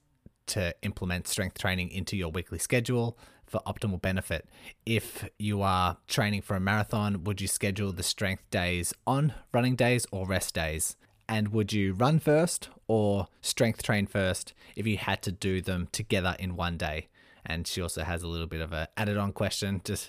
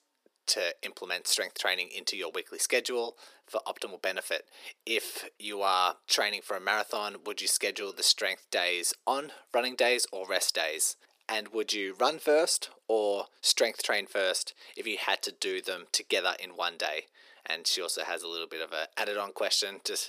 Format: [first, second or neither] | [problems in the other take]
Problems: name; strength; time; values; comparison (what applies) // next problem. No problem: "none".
first | thin; very; fading below 350 Hz